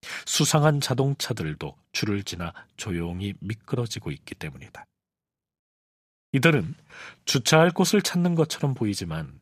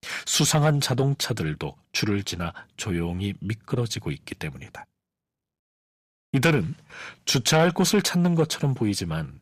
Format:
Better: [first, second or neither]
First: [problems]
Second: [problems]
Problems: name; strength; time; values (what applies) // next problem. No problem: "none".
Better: first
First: none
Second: distortion; slight; 10 dB below the speech